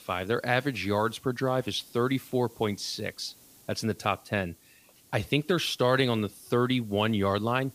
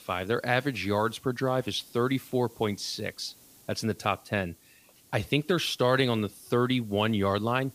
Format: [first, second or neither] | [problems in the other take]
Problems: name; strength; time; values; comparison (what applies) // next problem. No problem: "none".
neither | hiss; faint; throughout; 25 dB below the speech; the same in both